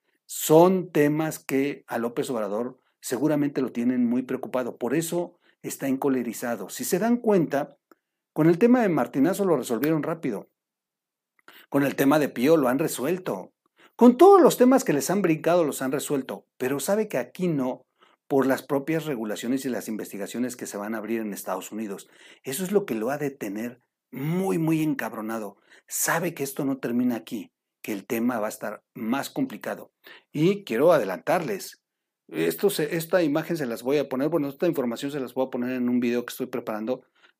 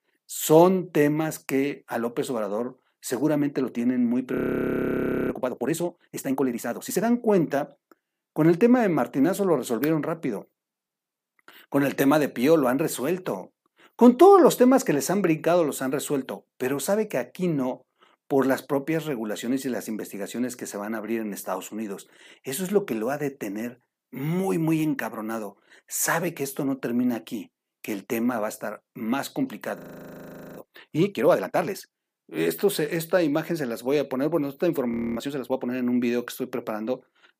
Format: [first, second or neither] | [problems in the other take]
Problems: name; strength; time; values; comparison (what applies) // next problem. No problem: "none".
first | audio freezing; at 4.5 s for 1 s, at 30 s for 1 s and at 35 s